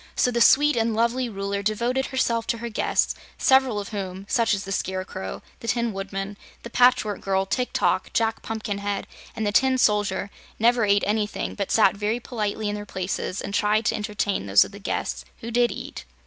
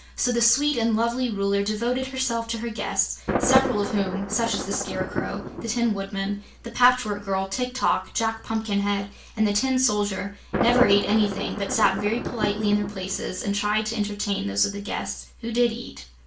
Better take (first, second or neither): first